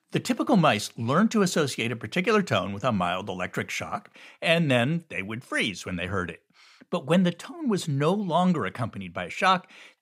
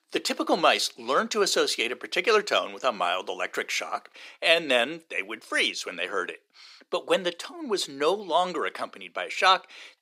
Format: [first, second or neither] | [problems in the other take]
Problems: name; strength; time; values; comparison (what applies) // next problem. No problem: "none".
first | thin; very; fading below 350 Hz